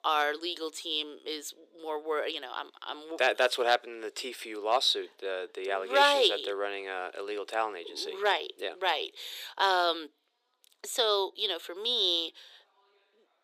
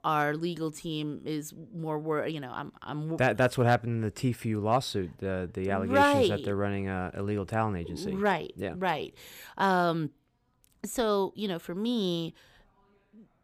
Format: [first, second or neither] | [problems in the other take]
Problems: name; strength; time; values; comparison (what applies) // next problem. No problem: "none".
second | thin; very; fading below 350 Hz